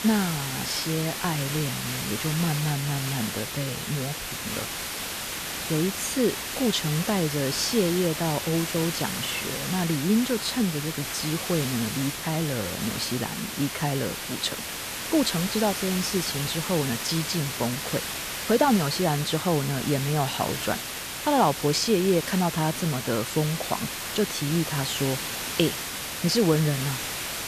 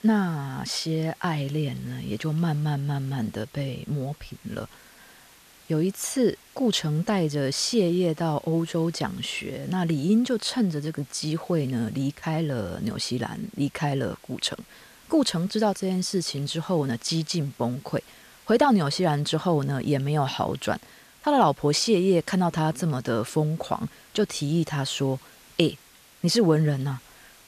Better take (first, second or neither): second